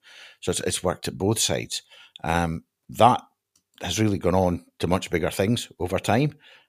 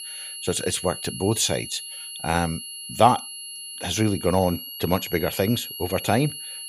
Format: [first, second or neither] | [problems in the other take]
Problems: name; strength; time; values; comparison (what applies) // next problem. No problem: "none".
first | high-pitched whine; loud; throughout; 11 kHz, 9 dB below the speech